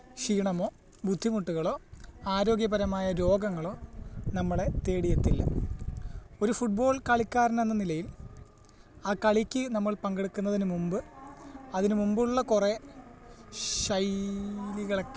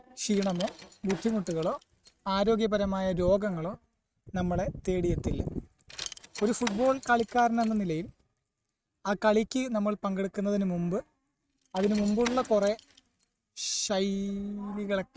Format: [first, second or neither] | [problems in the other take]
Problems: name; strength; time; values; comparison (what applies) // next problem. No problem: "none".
first | noise reduction (neural mask model RNNoise)